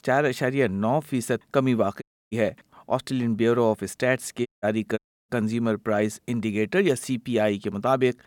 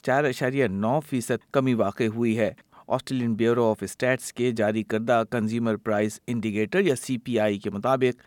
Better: second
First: audio cutting out; at 2 s, at 4.5 s and at 5 s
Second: none

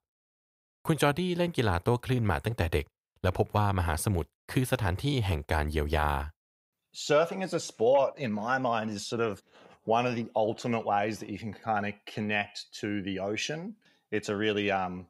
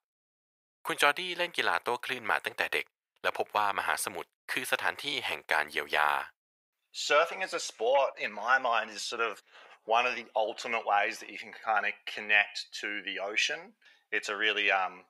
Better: first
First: none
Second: thin; very; fading below 600 Hz

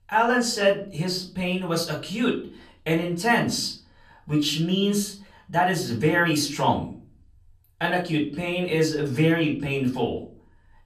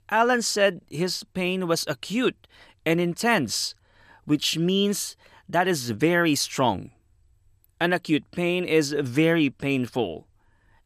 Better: second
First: off-mic speech; far // room echo; very slight; dies away in 0.3 s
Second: none

